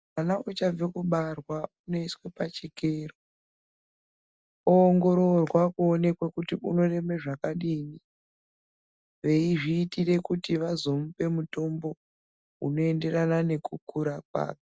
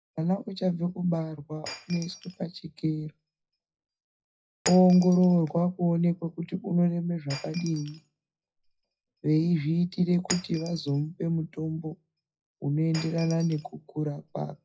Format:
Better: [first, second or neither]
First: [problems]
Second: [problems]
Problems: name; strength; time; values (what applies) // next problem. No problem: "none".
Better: first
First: none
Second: noise reduction (classical method WPE with log-MMSE)